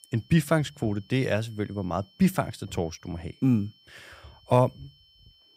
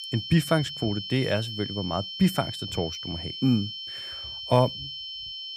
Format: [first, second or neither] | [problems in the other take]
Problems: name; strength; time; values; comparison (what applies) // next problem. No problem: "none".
first | high-pitched whine; loud; throughout; 3 kHz, 7 dB below the speech; faint in the first